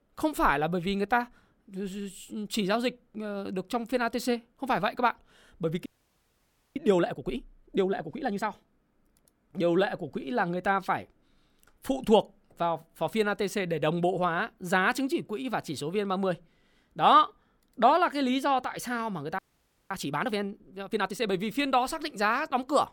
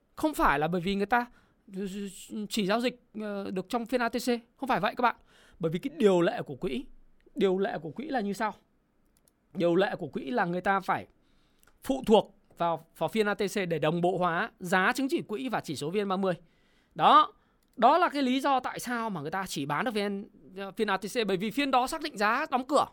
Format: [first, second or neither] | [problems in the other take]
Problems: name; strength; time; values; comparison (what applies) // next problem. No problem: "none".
second | audio freezing; at 6 s for 1 s and at 19 s for 0.5 s